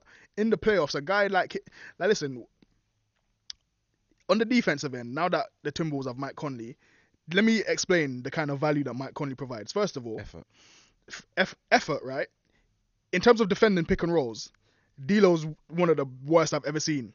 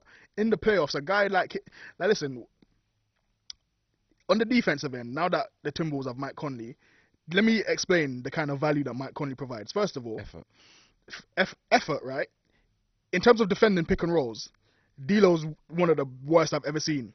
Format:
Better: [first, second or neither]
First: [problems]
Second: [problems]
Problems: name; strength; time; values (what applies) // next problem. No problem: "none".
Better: first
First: garbled, watery; slightly; nothing above 6.5 kHz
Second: garbled, watery; badly; nothing above 6 kHz